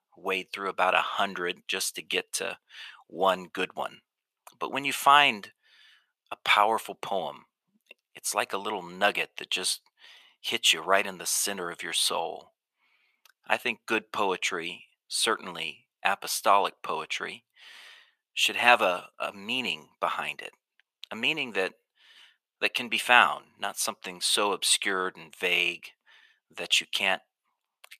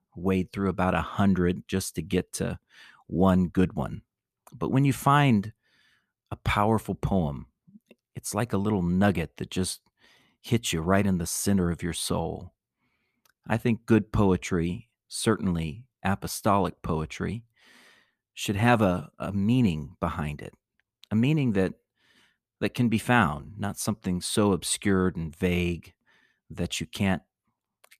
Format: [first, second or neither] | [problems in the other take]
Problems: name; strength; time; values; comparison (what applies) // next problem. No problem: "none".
second | thin; very; fading below 750 Hz